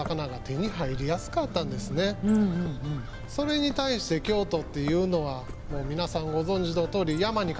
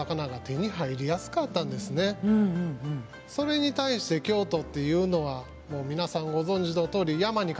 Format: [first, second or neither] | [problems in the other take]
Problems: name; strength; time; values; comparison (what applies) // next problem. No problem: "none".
second | background sound (Bird); 10 dB below the speech